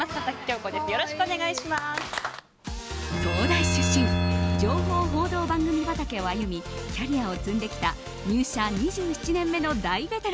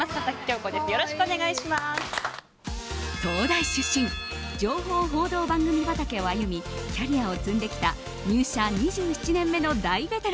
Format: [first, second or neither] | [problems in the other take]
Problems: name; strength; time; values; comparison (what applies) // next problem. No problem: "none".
second | background sound (Bowed string instrument); as loud as the speech